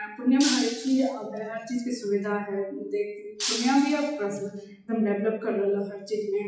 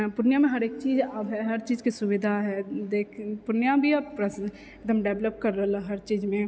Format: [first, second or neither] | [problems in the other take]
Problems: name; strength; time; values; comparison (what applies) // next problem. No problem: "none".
second | noise reduction (classical method WPE with log-MMSE)